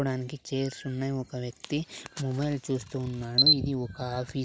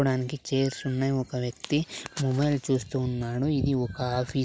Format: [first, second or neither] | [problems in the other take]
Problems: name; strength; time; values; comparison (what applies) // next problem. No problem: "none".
second | background sound (Camera); 3 dB above the speech